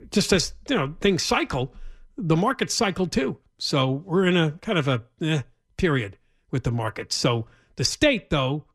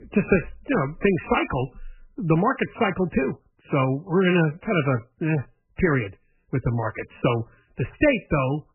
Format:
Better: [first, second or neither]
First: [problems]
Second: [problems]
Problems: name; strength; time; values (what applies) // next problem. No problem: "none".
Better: first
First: none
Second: garbled, watery; badly; nothing above 3 kHz